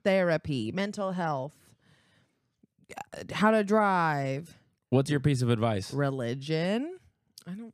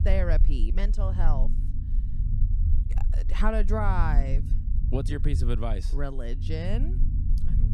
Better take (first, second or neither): first